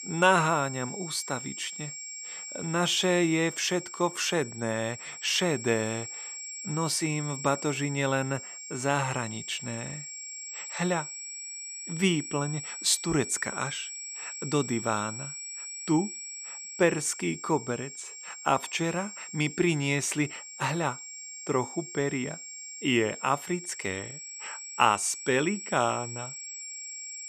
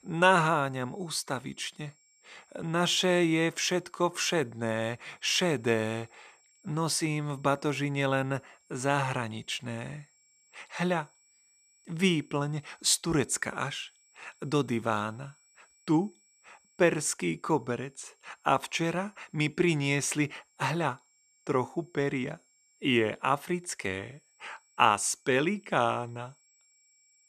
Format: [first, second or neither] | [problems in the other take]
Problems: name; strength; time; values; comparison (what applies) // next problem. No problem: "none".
second | high-pitched whine; loud; throughout; 7.5 kHz, 9 dB below the speech; faint in the second